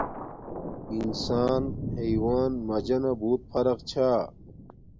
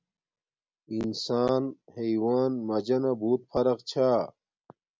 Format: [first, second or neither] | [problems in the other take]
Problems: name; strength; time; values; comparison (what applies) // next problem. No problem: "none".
second | background sound (Thunder); 8 dB below the speech